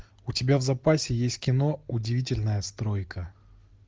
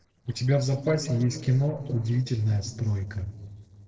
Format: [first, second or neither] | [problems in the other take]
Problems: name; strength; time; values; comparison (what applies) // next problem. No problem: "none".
first | noise reduction (neural separator model SepFormer DNS4)